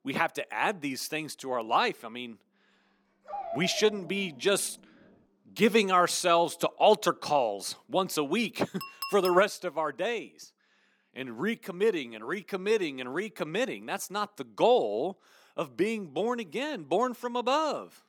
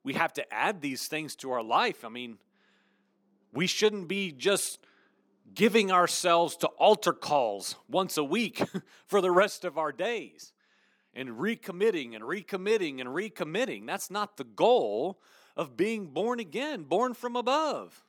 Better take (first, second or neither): second